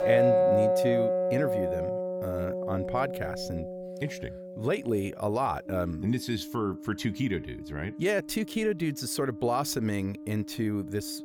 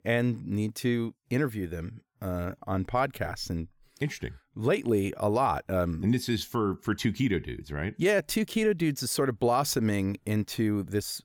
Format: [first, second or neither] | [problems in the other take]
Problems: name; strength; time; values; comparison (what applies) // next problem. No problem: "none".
second | background music; very loud; throughout; 2 dB above the speech